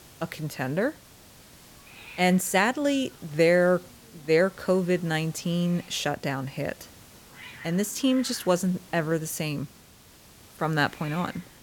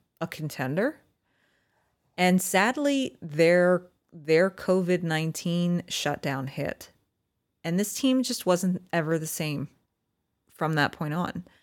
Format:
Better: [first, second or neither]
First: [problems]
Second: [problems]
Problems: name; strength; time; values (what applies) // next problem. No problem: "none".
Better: second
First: hiss; faint; throughout; 20 dB below the speech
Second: none